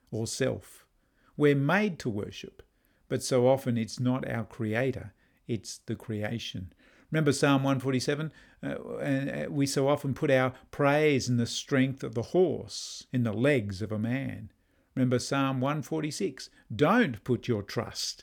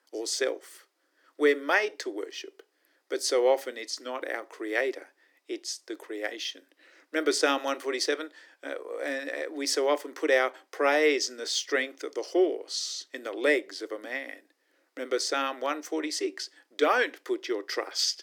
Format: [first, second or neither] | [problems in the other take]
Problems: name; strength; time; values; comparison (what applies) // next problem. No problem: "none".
first | thin; somewhat; fading below 300 Hz